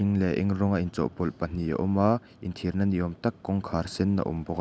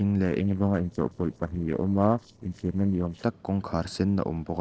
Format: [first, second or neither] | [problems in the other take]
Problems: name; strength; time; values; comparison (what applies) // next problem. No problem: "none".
first | noise reduction (neural separator model SepFormer DNS4)